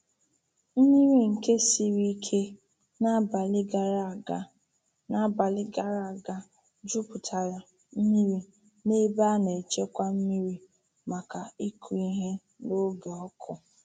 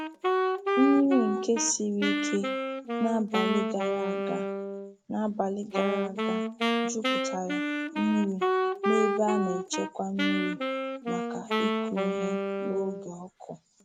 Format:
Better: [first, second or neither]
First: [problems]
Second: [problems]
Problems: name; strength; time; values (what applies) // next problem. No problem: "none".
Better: first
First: none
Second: background sound (Wind instrument, woodwind instrument); 1 dB above the speech